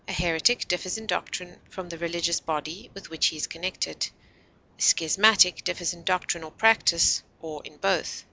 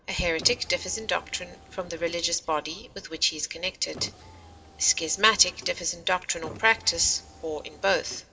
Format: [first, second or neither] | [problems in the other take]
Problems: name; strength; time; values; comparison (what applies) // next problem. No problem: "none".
first | background sound (Car); 18 dB below the speech // room echo; dies away in 0.3 s